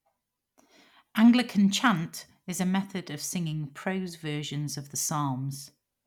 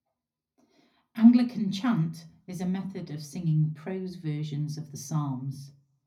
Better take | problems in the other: first | room echo; dies away in 0.4 s

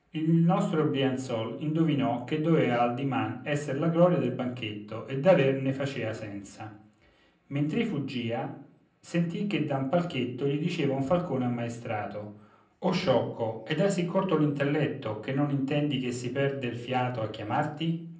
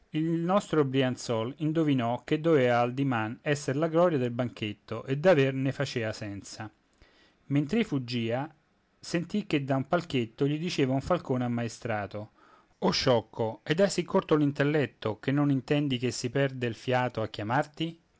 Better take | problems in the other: second | room echo; dies away in 0.6 s

